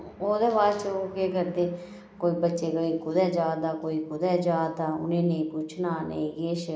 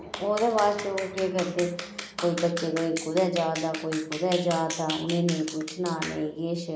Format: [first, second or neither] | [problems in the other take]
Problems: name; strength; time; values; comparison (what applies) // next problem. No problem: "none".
first | background sound (Clapping); 11 dB below the speech